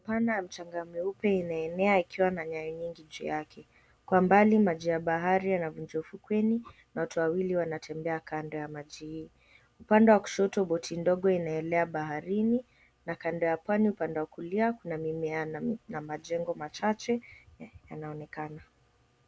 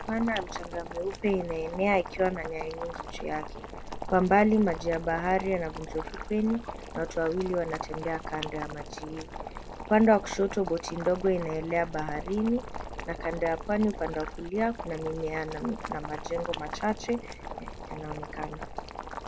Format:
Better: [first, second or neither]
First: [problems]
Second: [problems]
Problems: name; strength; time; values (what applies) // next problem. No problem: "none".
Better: first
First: none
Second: background sound (Boiling); 9 dB below the speech